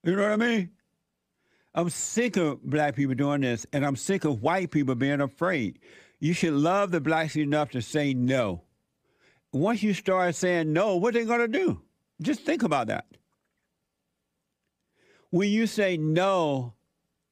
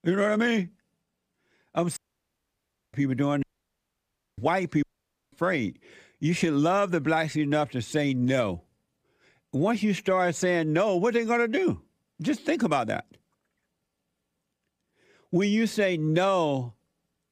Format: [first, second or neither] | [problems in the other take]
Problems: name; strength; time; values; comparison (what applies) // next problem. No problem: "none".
first | audio cutting out; at 2 s for 1 s, at 3.5 s for 1 s and at 5 s